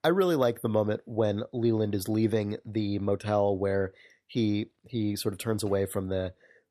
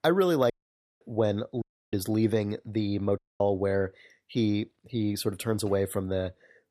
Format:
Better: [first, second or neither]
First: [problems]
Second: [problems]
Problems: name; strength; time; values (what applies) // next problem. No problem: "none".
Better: first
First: none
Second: audio cutting out; at 0.5 s for 0.5 s, at 1.5 s and at 3 s